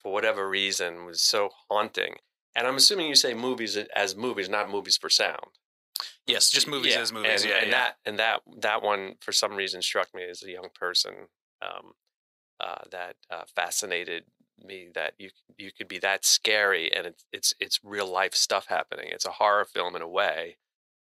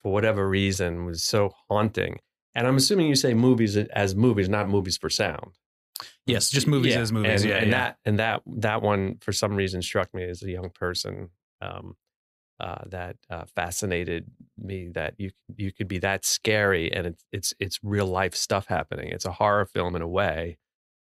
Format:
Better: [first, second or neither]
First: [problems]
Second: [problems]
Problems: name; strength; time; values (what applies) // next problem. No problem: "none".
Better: second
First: thin; very; fading below 600 Hz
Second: none